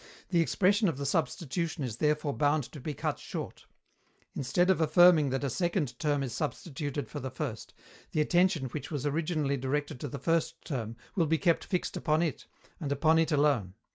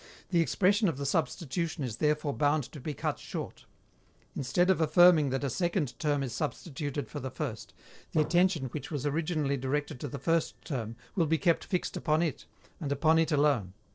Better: first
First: none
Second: noise reduction (neural separator model SepFormer DNS4)

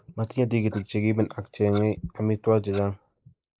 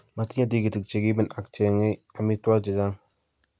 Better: second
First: noise reduction (neural mask model Resemble Enhance denoiser)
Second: none

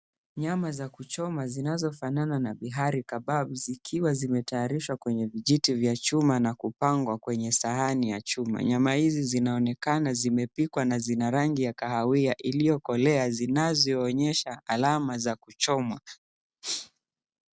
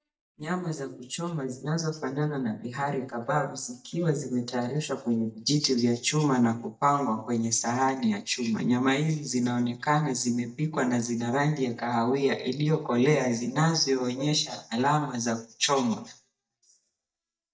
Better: first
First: none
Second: noise reduction (neural mask model DeepFilterNet 3)

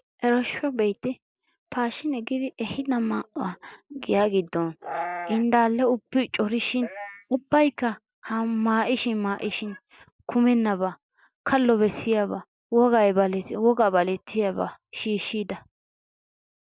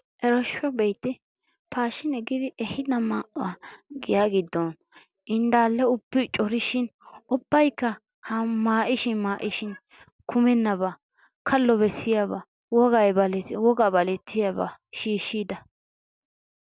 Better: second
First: noise reduction (neural mask model Resemble Enhance denoiser)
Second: none

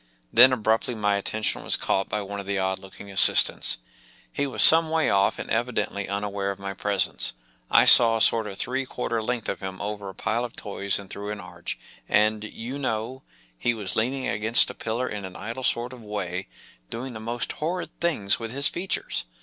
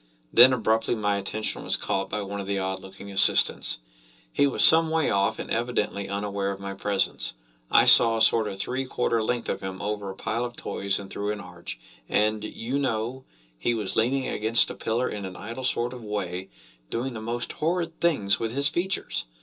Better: first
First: none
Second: room echo; dies away in 0.2 s

